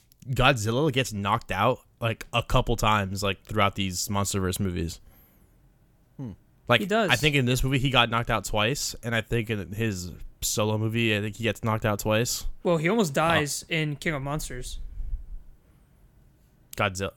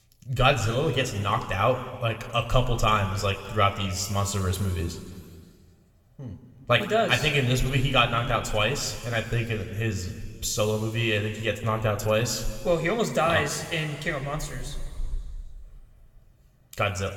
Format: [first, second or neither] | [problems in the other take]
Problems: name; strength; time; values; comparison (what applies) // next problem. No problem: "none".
first | room echo; noticeable; dies away in 1.9 s